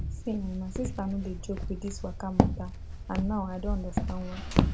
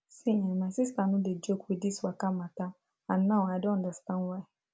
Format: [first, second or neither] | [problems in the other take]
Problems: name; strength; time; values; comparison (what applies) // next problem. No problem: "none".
second | background sound (Walk, footsteps); 4 dB above the speech